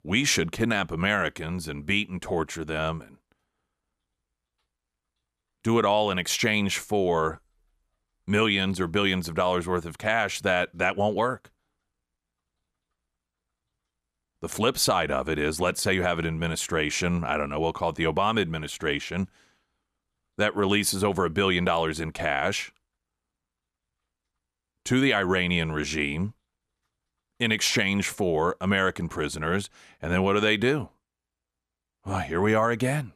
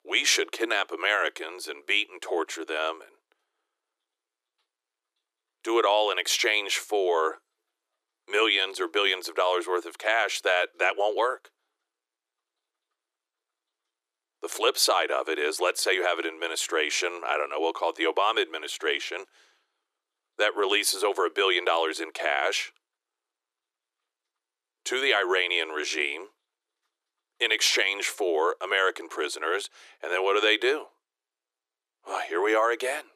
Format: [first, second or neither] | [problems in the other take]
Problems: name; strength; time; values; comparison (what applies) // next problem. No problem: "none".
first | thin; very; fading below 350 Hz